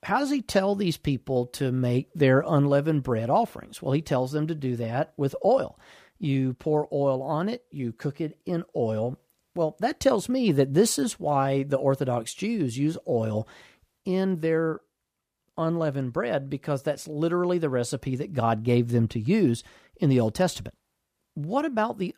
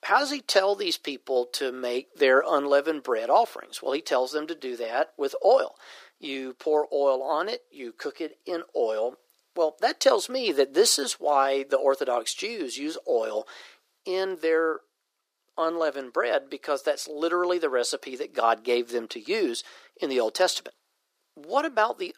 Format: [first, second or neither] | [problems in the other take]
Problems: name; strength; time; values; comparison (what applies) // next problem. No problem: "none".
first | thin; very; fading below 350 Hz